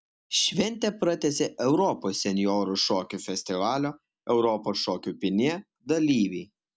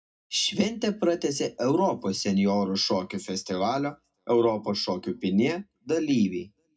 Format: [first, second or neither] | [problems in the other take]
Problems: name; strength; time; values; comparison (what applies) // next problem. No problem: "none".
first | room echo; dies away in 0.2 s